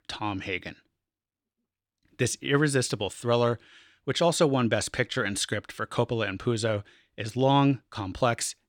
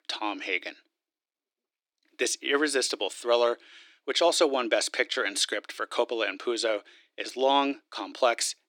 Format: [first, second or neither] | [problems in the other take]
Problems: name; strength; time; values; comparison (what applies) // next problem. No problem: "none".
first | thin; somewhat; fading below 300 Hz